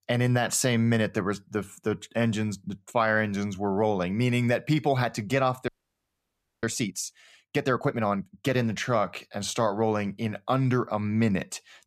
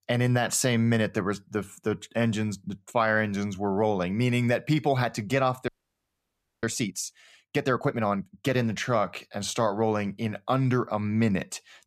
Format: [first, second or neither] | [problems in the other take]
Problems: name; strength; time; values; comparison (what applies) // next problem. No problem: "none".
neither | audio freezing; at 5.5 s for 1 s; the same in both